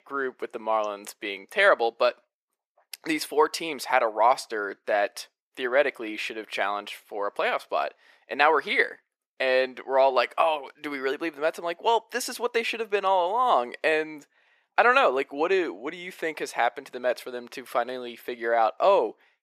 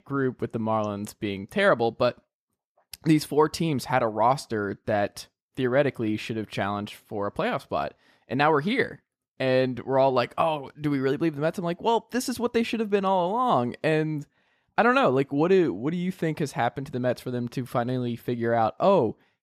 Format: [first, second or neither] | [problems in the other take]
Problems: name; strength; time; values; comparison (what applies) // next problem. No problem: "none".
second | thin; very; fading below 450 Hz